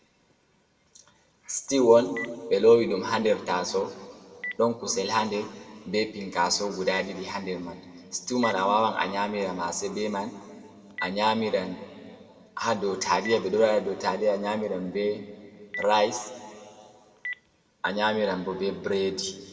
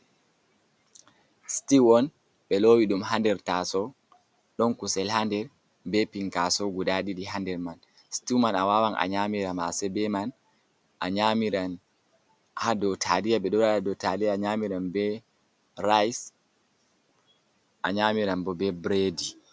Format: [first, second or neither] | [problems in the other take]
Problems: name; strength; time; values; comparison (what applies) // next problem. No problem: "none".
second | background sound (Telephone); 19 dB below the speech // room echo; dies away in 1.9 s